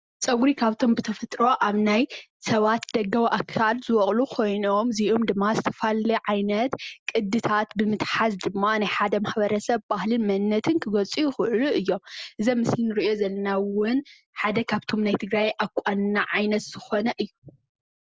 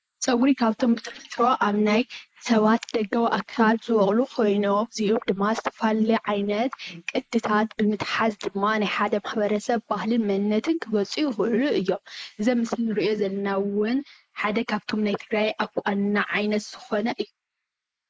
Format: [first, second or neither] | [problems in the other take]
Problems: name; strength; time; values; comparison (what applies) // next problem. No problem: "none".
first | noise reduction (neural mask model Resemble Enhance denoiser)